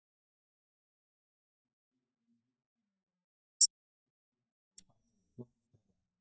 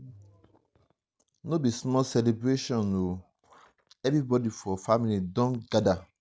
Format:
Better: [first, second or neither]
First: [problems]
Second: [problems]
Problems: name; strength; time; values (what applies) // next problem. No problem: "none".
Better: second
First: noise reduction (neural mask model DeepFilterNet 3)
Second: none